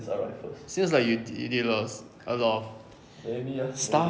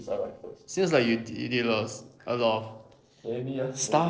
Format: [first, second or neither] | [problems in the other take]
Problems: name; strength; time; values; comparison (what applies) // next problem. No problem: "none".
first | noise reduction (neural separator model SepFormer DNS4)